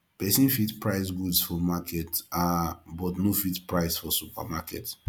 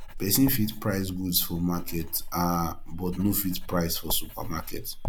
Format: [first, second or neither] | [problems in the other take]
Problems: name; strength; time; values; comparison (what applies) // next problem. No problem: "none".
first | background sound (Writing); 6 dB below the speech